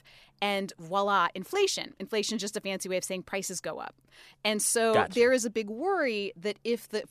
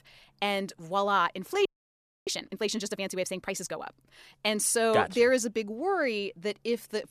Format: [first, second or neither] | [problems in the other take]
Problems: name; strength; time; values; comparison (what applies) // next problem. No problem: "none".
first | audio freezing; at 1.5 s for 0.5 s